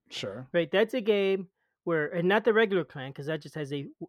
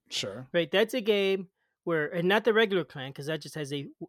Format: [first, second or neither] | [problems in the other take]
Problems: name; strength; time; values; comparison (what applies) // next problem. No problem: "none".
second | muffled; slightly; fading above 3 kHz